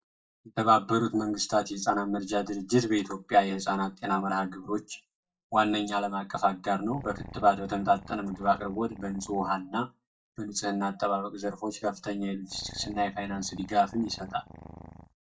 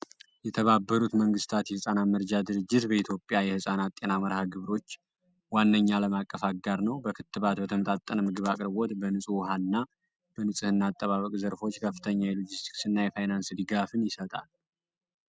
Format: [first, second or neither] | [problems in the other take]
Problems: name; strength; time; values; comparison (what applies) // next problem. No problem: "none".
second | noise reduction (neural mask model DeepFilterNet 3)